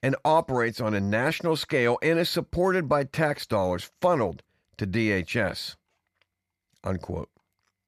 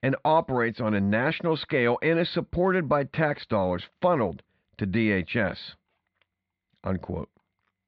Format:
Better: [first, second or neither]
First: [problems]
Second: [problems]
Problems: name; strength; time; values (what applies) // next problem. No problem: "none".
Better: first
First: none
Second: muffled; slightly; fading above 3.5 kHz